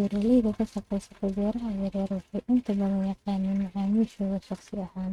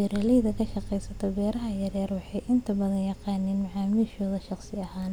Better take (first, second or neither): second